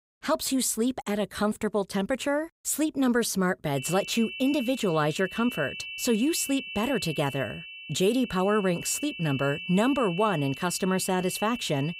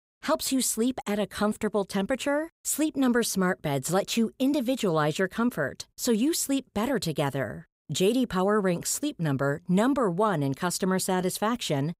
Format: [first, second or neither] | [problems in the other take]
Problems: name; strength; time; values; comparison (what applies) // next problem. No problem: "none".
second | high-pitched whine; loud; from 4 s on; 2.5 kHz, 10 dB below the speech